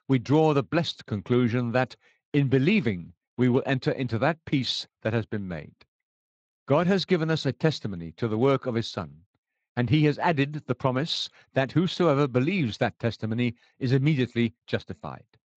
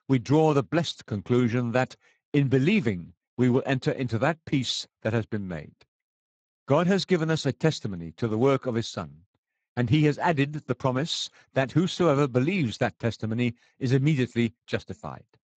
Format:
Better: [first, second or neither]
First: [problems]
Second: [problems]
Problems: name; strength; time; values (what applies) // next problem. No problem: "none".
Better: first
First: garbled, watery; slightly; nothing above 7.5 kHz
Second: garbled, watery; badly; nothing above 7.5 kHz